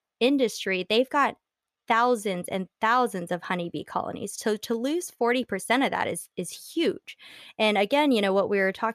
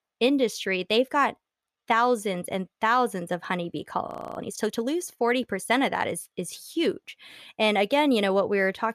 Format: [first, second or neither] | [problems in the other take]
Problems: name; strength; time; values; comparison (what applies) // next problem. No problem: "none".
first | audio freezing; at 4 s